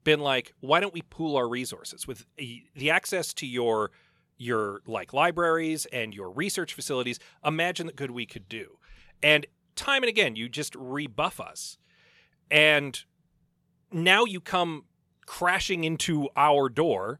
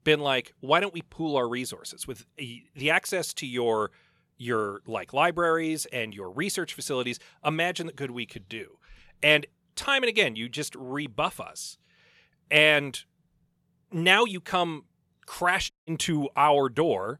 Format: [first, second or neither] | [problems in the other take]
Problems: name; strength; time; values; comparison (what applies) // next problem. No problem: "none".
first | audio cutting out; at 16 s